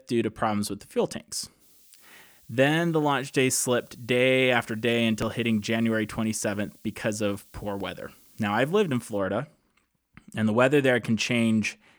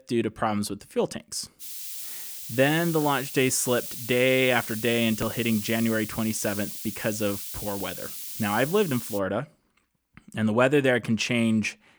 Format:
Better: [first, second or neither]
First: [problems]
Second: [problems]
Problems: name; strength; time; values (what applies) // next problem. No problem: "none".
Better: first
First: hiss; faint; from 1.5 to 9 s; 30 dB below the speech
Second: hiss; loud; from 1.5 to 9 s; 8 dB below the speech